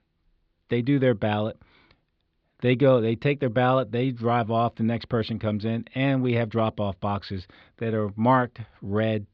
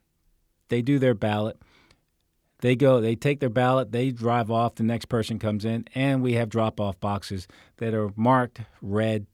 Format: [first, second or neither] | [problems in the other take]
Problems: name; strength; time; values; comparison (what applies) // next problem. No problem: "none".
second | muffled; very slightly; fading above 4 kHz